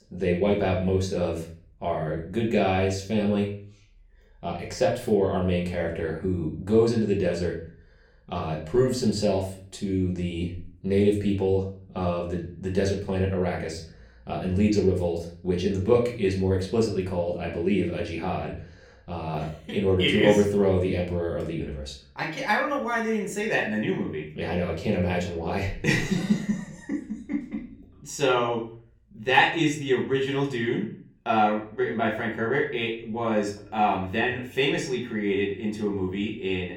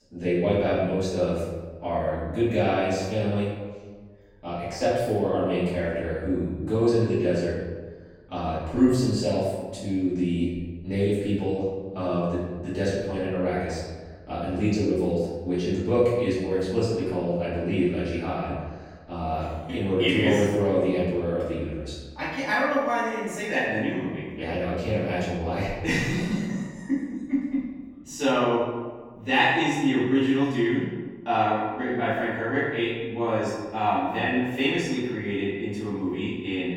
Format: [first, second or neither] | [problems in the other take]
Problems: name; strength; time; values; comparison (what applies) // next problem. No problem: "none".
first | room echo; strong; dies away in 1.2 s; slight in the first // off-mic speech; far; far in the first